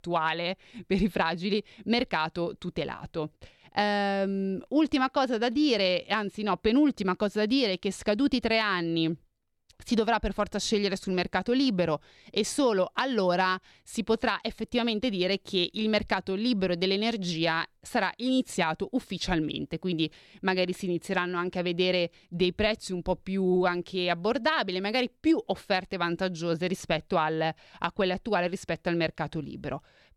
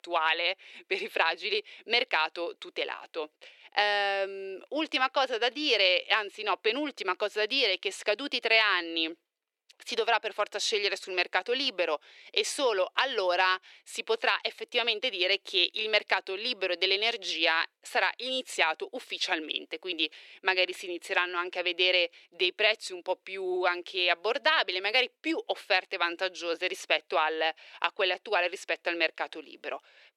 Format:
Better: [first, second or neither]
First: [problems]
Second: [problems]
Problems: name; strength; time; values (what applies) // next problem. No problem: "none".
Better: first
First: none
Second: thin; very; fading below 400 Hz